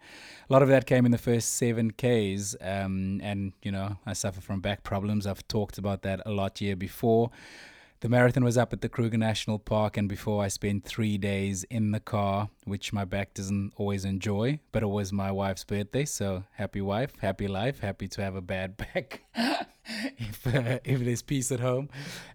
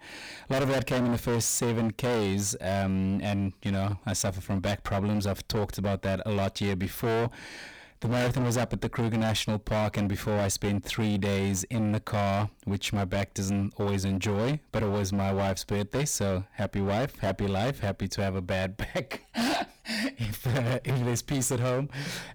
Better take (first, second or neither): first